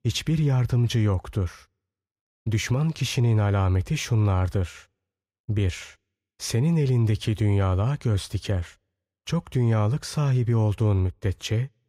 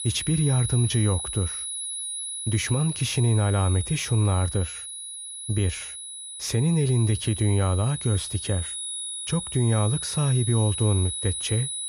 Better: first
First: none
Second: high-pitched whine; loud; throughout; 10.5 kHz, 6 dB below the speech

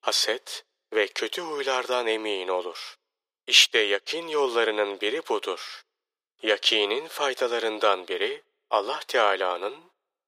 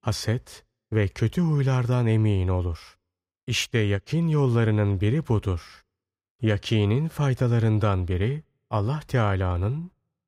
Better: second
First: thin; very; fading below 400 Hz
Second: none

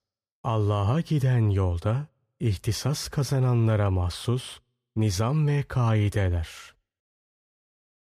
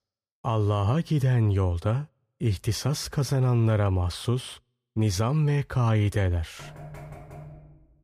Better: first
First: none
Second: door banging; faint; from 6.5 s on; peak 15 dB below the speech

